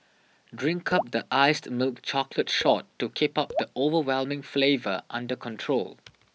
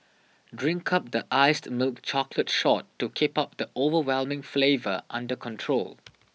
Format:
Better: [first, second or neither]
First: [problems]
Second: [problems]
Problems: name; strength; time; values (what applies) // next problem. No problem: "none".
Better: second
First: background sound (Raindrop / Drip); 7 dB below the speech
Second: none